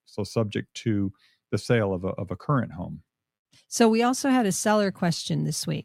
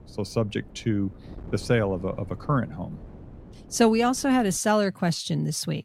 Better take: first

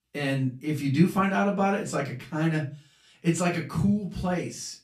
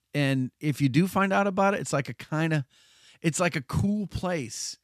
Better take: second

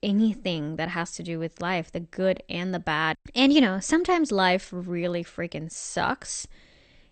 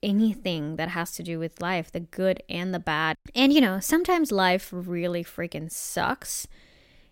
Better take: second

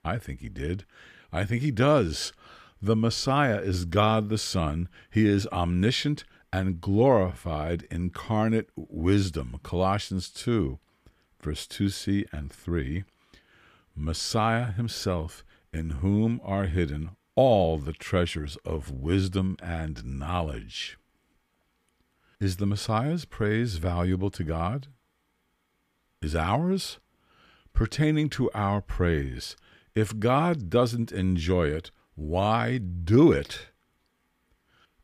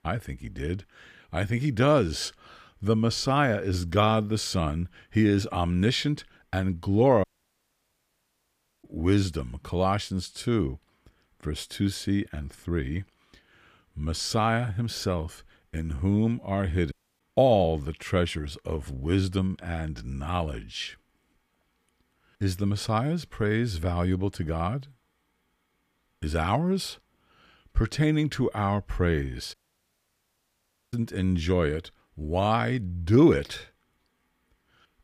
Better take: first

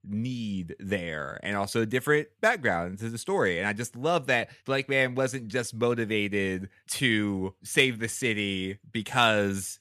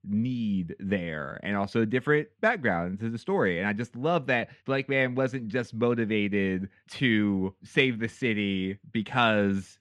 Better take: first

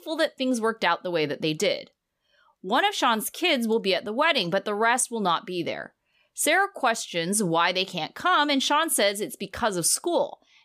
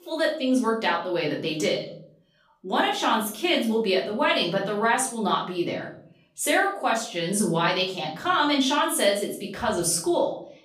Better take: first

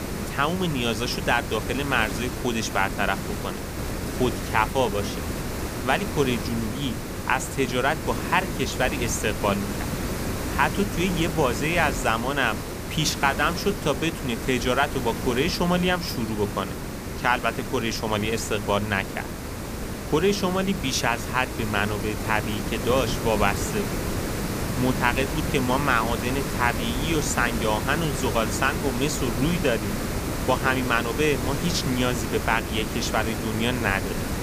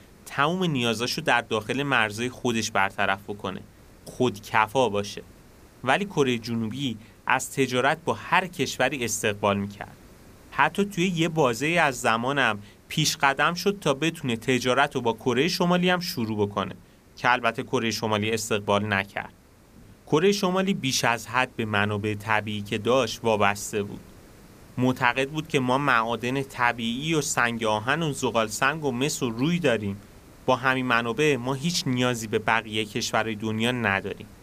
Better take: second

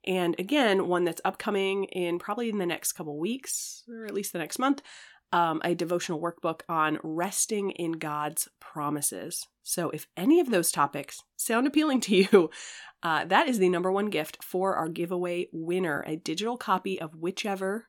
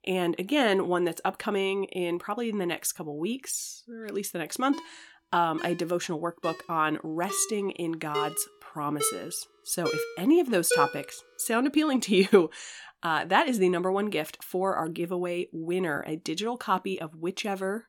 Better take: first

